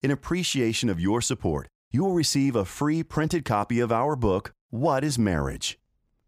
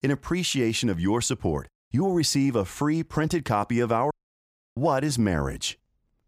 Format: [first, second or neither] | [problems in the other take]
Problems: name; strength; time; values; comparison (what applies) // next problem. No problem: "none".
first | audio cutting out; at 4 s for 0.5 s